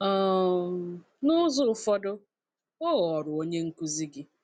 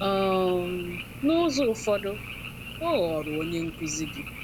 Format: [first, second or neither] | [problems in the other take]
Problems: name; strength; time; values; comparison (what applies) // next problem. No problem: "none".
first | background sound (Frog); 11 dB below the speech